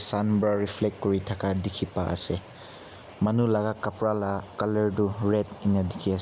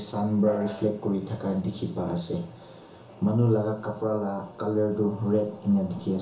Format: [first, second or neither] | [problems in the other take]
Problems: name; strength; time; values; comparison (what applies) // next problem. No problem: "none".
first | background sound (Piano); 11 dB below the speech // room echo; dies away in 0.7 s